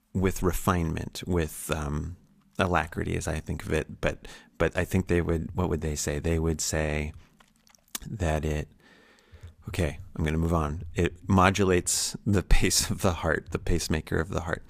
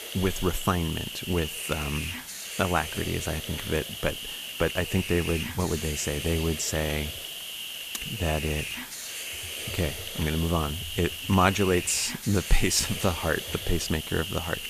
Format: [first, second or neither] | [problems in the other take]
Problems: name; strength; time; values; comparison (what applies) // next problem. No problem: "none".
first | hiss; loud; throughout; 5 dB below the speech